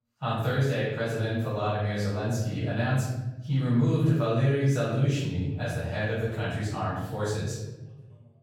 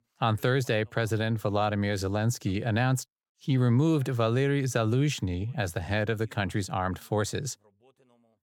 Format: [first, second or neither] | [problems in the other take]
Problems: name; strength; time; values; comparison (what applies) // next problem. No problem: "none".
second | off-mic speech; far // room echo; strong; dies away in 1.1 s